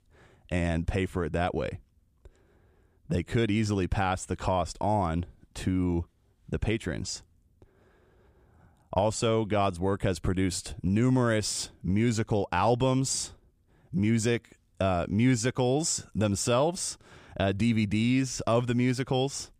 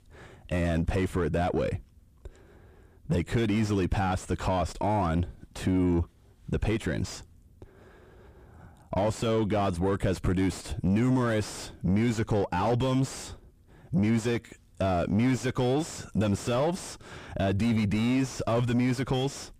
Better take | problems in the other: first | distortion; heavy; 6 dB below the speech

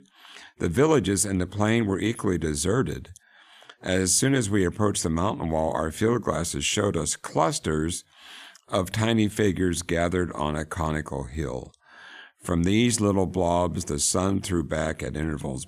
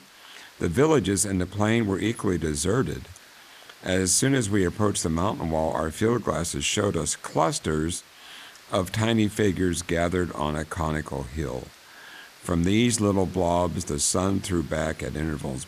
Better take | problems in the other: first | hiss; faint; throughout; 25 dB below the speech

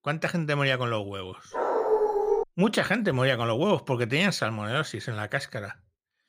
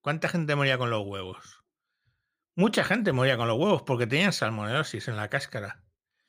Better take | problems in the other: second | dog barking; loud; at 1.5 s; peak 2 dB above the speech

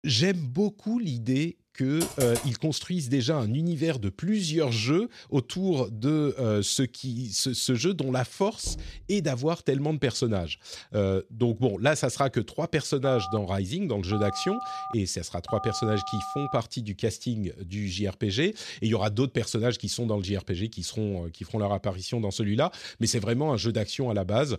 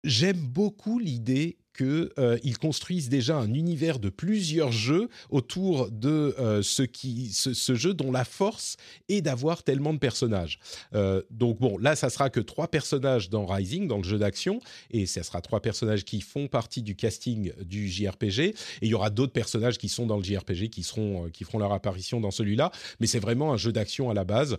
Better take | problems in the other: second | keyboard typing; noticeable; at 2 s; peak 4 dB below the speech // door banging; faint; at 8.5 s; peak 15 dB below the speech // phone ringing; noticeable; from 13 to 17 s; peak 7 dB below the speech

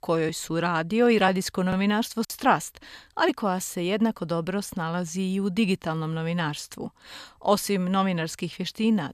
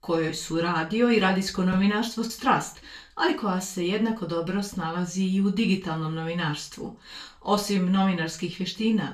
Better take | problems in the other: first | room echo; slight; dies away in 0.3 s // off-mic speech; far

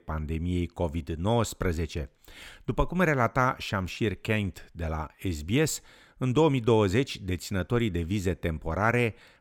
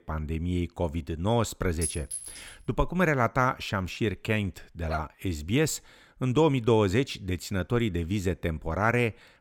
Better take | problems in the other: first | clattering dishes; noticeable; at 2 s; peak 4 dB below the speech // dog barking; noticeable; at 5 s; peak 10 dB below the speech

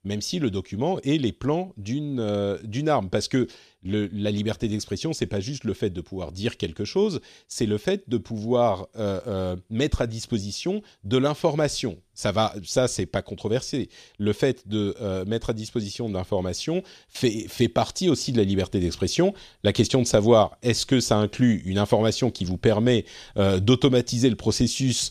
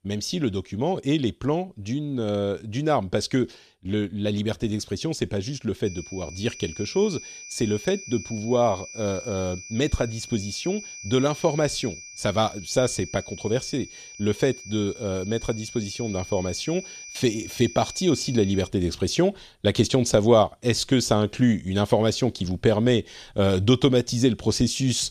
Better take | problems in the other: first | high-pitched whine; noticeable; from 6 to 19 s; 6 kHz, 15 dB below the speech

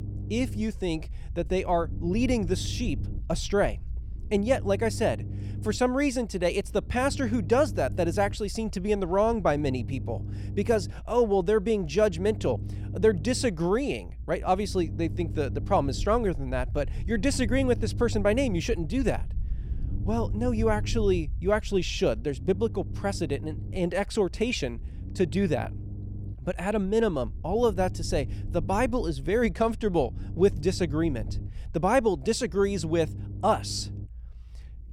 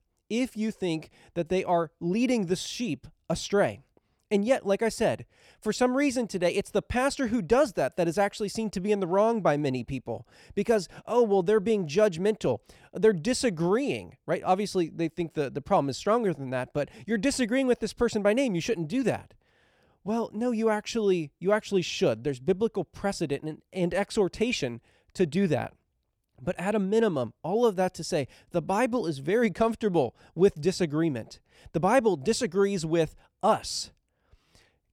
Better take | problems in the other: second | low rumble; faint; throughout; 20 dB below the speech

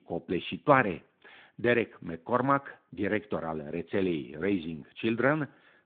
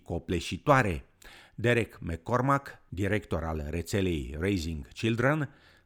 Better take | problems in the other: second | phone-call audio; nothing above 3.5 kHz

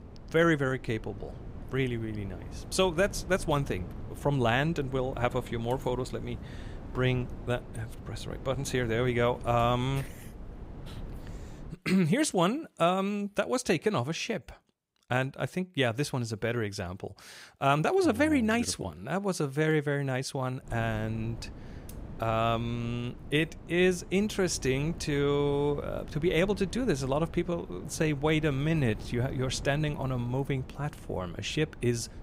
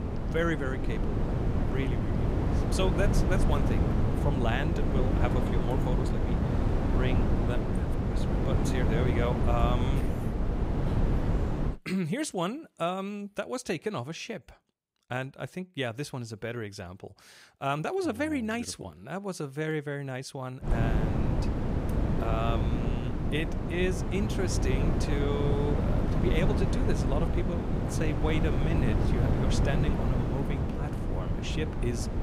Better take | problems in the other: first | wind noise on the microphone; heavy; until 12 s and from 21 s on; 1 dB below the speech; occasional gusts in the first

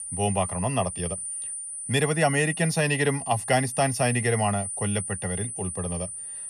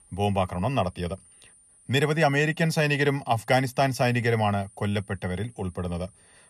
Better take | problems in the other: second | high-pitched whine; loud; throughout; 9.5 kHz, 5 dB below the speech; faint in the second

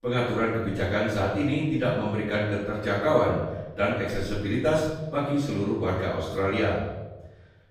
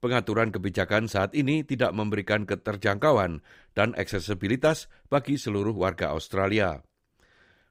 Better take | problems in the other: second | off-mic speech; far // room echo; noticeable; dies away in 1 s

